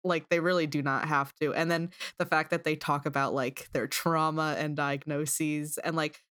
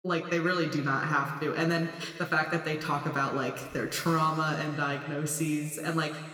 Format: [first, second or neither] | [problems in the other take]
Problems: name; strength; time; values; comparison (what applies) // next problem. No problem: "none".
first | room echo; slight; dies away in 1.9 s